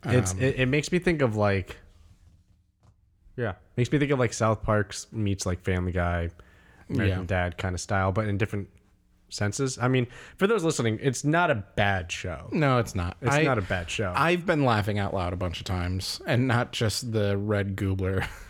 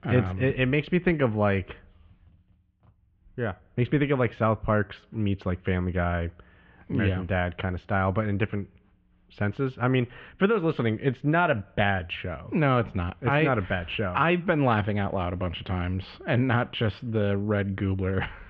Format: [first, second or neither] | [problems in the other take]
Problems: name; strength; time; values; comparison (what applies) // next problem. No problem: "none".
first | muffled; very; fading above 3 kHz